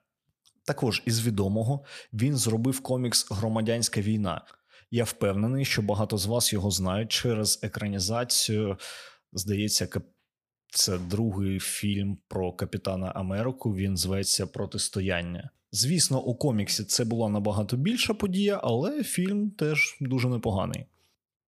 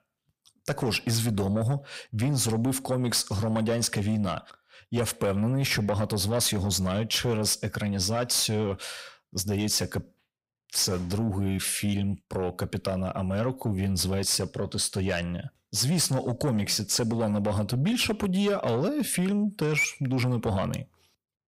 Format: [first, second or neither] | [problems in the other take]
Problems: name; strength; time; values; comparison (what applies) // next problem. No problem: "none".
first | distortion; slight; 10 dB below the speech